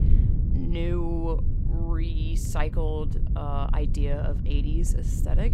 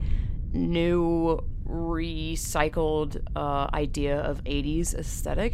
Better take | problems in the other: second | low rumble; loud; throughout; 7 dB below the speech; faint in the second

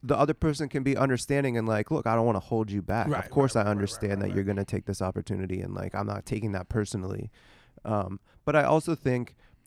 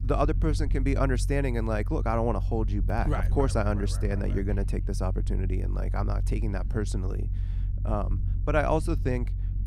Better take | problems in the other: first | low rumble; noticeable; throughout; 15 dB below the speech

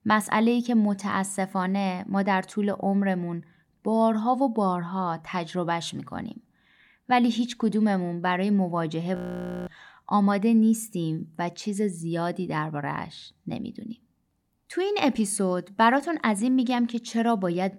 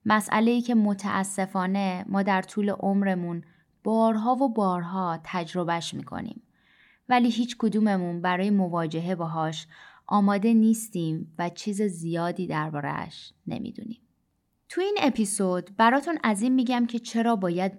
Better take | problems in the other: second | audio freezing; at 9 s for 0.5 s

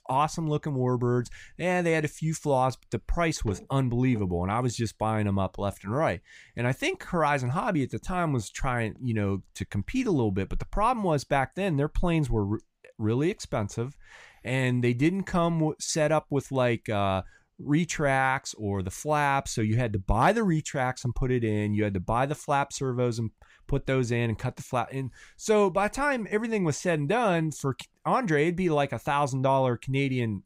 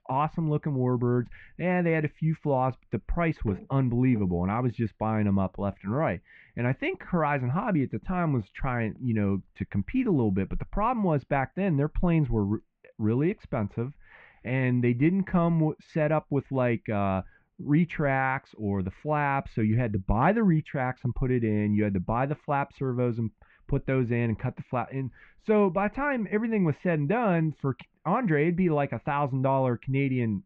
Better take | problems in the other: first | muffled; very; fading above 2.5 kHz

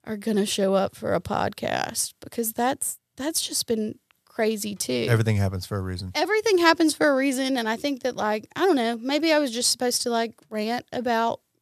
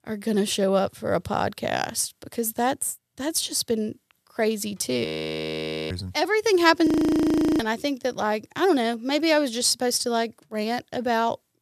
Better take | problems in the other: first | audio freezing; at 5 s for 1 s and at 7 s for 0.5 s

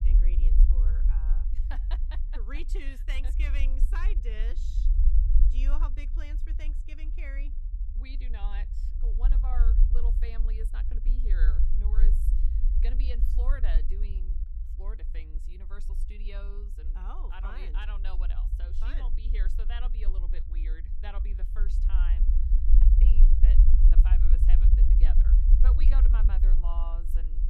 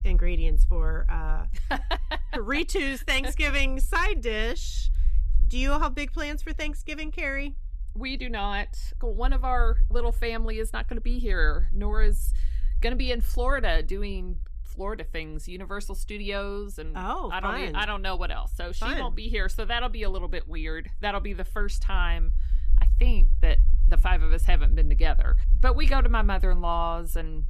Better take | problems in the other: second | low rumble; loud; throughout; 4 dB below the speech; faint in the second

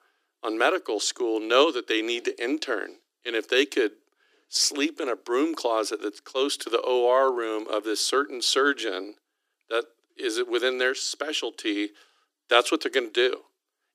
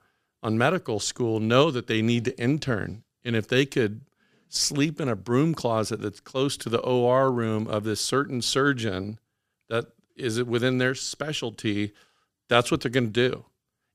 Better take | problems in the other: second | thin; somewhat; fading below 300 Hz

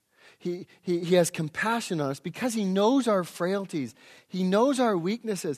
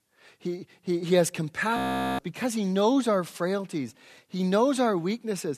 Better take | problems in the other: first | audio freezing; at 2 s

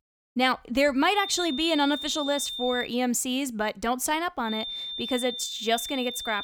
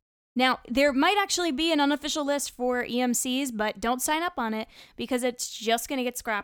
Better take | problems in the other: second | high-pitched whine; loud; from 1 to 3 s and from 4.5 s on; 3.5 kHz, 7 dB below the speech

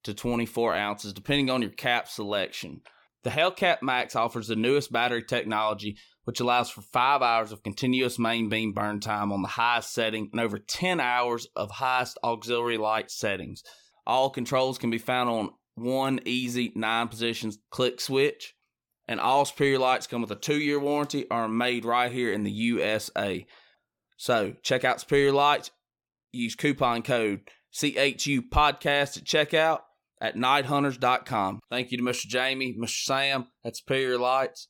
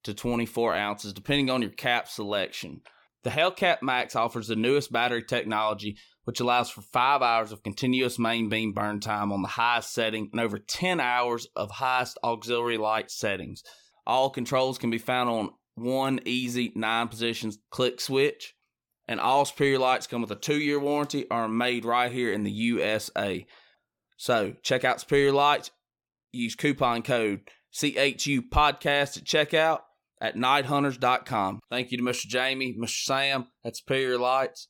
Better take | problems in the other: neither | none

